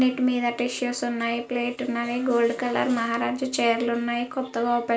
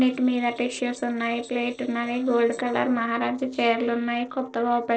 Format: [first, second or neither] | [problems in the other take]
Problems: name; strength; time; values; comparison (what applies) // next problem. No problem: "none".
first | noise reduction (neural separator model SepFormer DNS4)